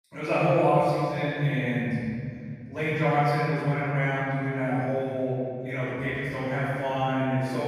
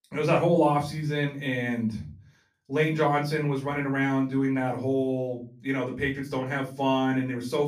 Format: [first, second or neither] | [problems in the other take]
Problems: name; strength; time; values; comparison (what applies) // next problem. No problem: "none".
second | room echo; strong; dies away in 2.9 s; slight in the second // off-mic speech; far; far in the second